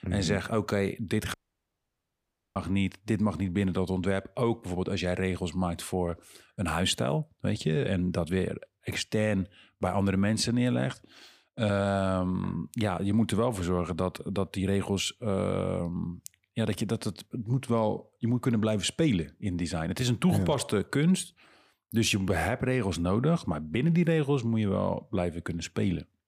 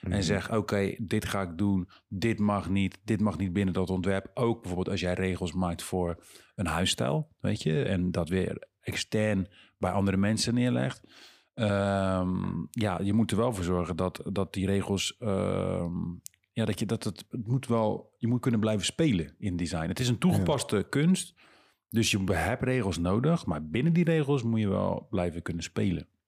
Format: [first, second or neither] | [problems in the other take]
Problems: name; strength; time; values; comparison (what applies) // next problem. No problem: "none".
second | audio cutting out; at 1.5 s for 1 s